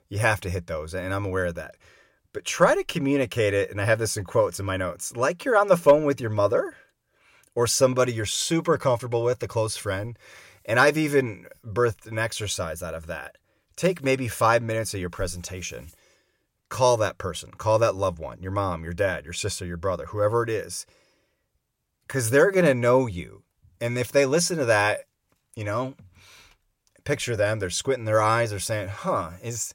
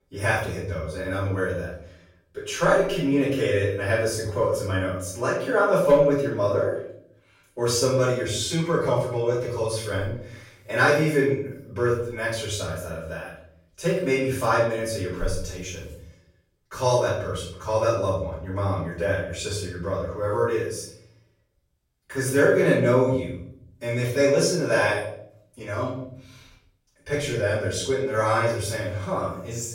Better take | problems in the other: first | off-mic speech; far // room echo; noticeable; dies away in 0.6 s

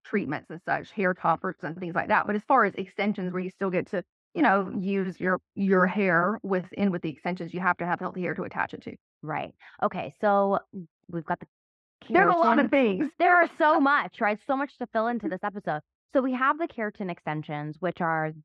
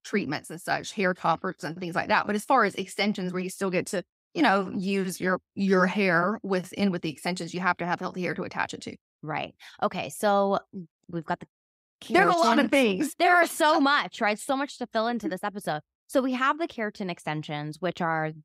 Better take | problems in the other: second | muffled; very; fading above 1.5 kHz

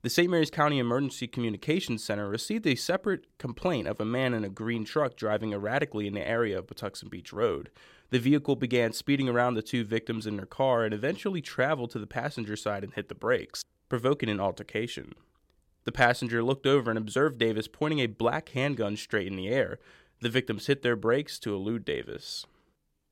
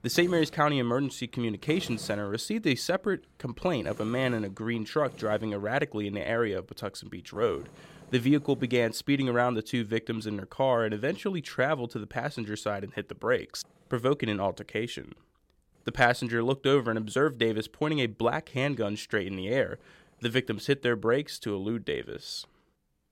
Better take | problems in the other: first | machinery noise; faint; throughout; 20 dB below the speech

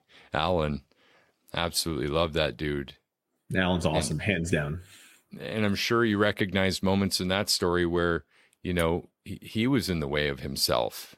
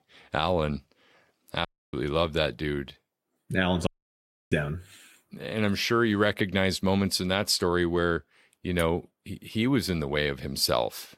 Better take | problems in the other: first | audio cutting out; at 1.5 s and at 4 s for 0.5 s

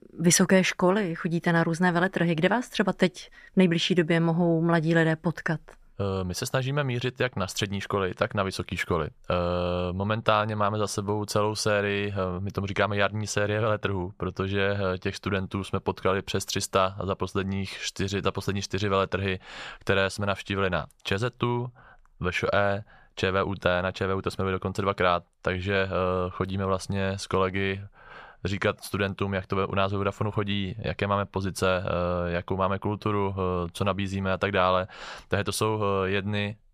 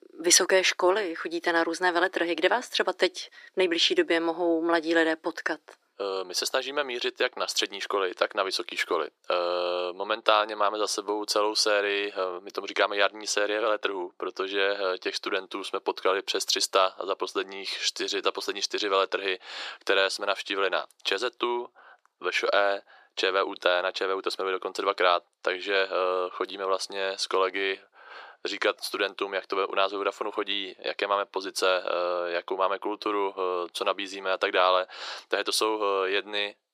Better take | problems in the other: first | thin; very; fading below 300 Hz

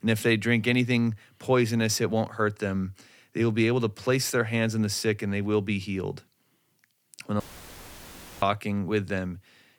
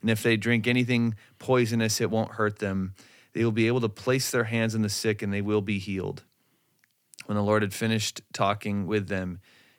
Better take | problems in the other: second | audio cutting out; filled with static; at 7.5 s for 1 s

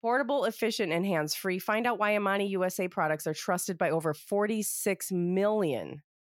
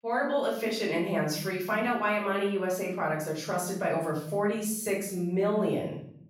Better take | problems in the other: first | off-mic speech; far // room echo; noticeable; dies away in 0.7 s

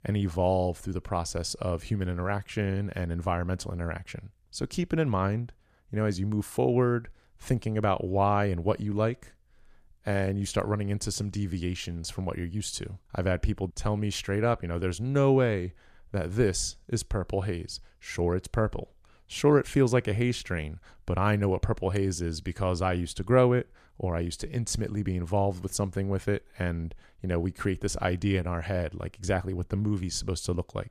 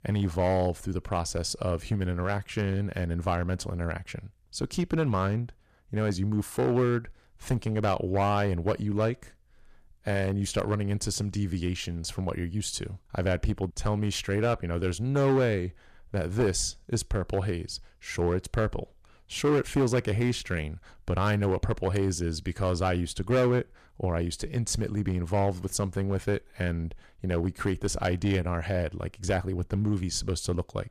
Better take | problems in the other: first | distortion; slight; 4% of the sound clipped

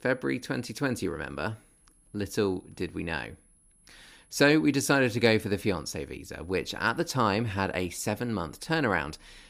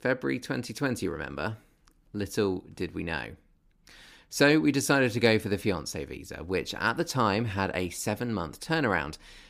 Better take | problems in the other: second | high-pitched whine; faint; throughout; 11 kHz, 35 dB below the speech

